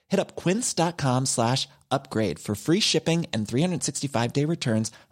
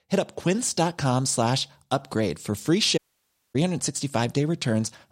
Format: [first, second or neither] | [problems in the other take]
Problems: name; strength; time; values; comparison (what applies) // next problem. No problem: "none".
first | audio cutting out; at 3 s for 0.5 s